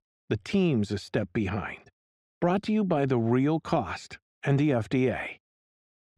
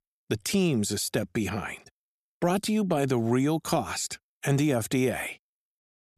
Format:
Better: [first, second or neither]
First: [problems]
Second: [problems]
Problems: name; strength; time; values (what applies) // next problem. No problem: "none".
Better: second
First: muffled; slightly; fading above 3 kHz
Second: none